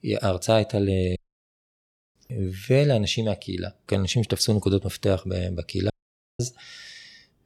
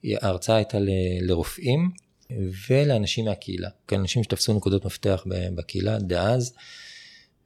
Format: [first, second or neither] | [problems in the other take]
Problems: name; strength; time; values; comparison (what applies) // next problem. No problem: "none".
second | audio cutting out; at 1 s for 1 s and at 6 s